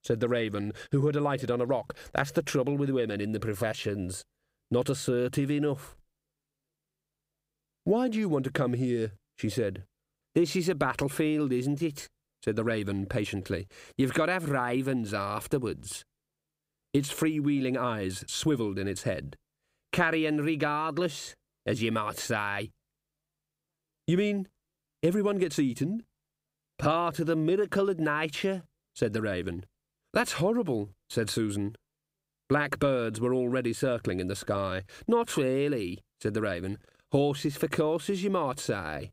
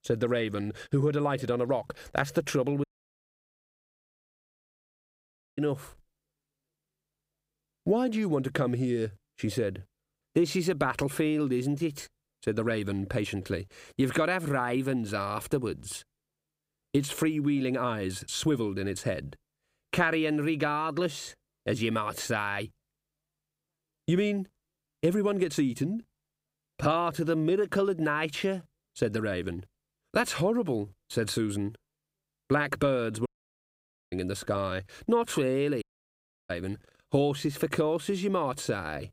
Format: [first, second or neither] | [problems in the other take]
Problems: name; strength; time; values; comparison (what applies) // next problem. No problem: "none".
first | audio cutting out; at 3 s for 2.5 s, at 33 s for 1 s and at 36 s for 0.5 s